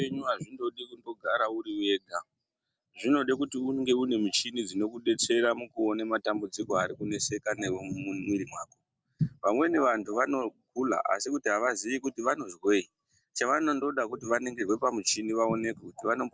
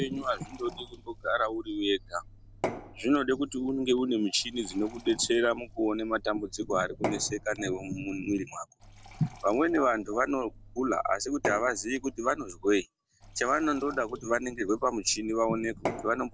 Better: first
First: none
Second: background sound (Fill (with liquid) / Glass / Water); 13 dB below the speech

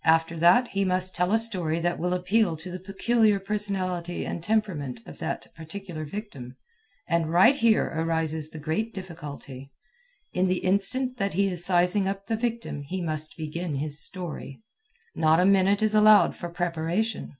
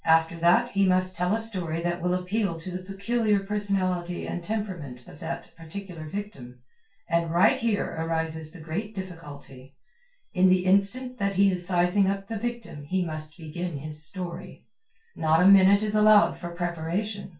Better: first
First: none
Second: room echo; dies away in 0.2 s

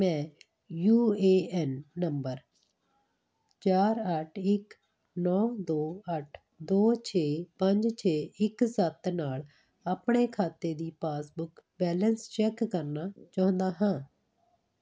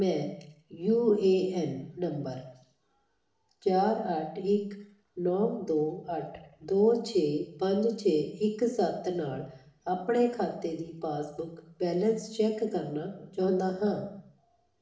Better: first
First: none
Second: room echo; dies away in 0.7 s

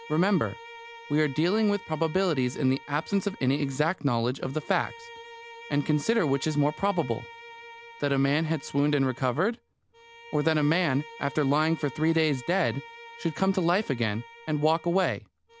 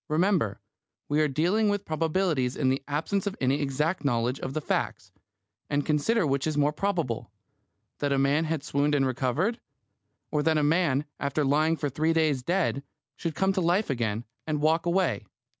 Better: second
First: background sound (Bowed string instrument); 18 dB below the speech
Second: none

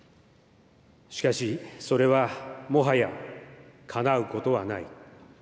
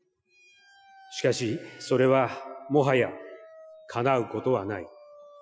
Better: first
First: none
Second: noise reduction (classical method Wiener filter)

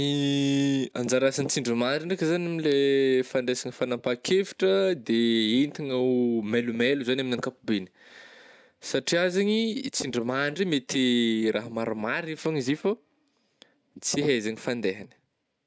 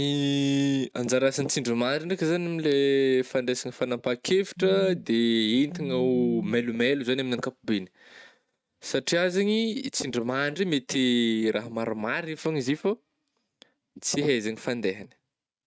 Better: first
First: none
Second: noise reduction (neural mask model RNNoise)

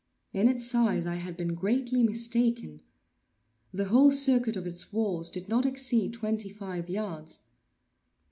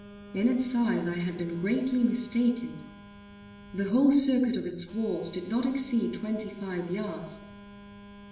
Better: first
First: none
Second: background sound (Telephone); 19 dB below the speech // room echo; dies away in 0.8 s

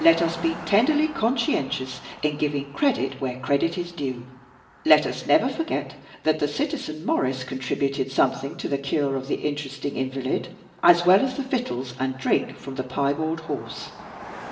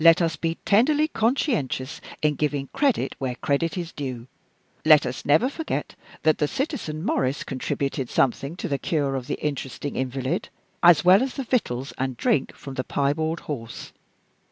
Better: second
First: background sound (Car passing by); 20 dB below the speech // room echo; dies away in 0.9 s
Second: none

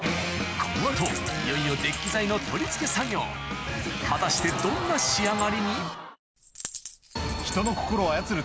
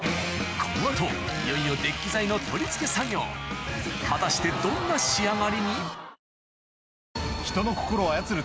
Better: second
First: background sound (Coin (dropping)); 14 dB below the speech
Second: none

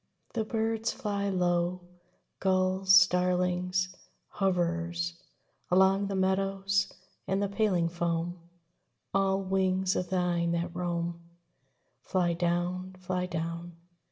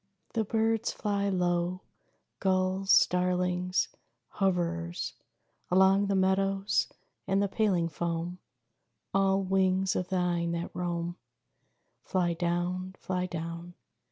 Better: second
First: room echo; dies away in 0.6 s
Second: none

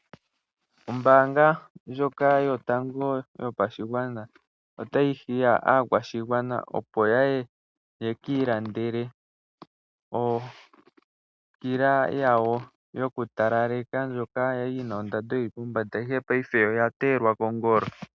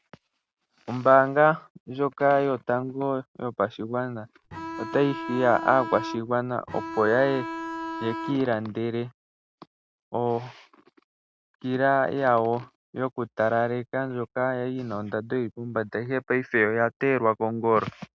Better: first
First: none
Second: background sound (Bowed string instrument); 8 dB below the speech

